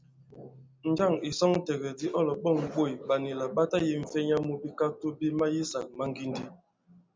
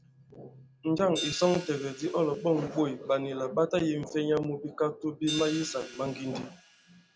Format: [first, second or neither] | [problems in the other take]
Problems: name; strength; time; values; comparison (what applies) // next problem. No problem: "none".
first | background sound (Hi-hat); 15 dB below the speech